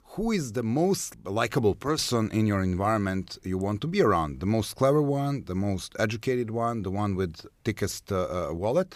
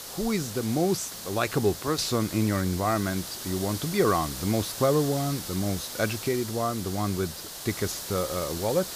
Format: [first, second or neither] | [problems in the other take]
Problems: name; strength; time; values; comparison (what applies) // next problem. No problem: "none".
first | hiss; loud; throughout; 8 dB below the speech